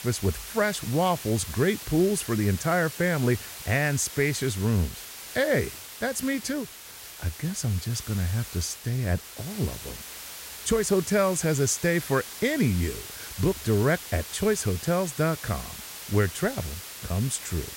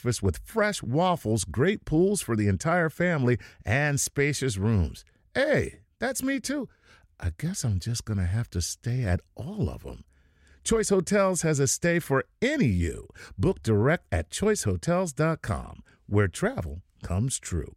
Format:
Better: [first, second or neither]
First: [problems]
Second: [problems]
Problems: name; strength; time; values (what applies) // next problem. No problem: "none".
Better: second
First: hiss; noticeable; throughout; 10 dB below the speech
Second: none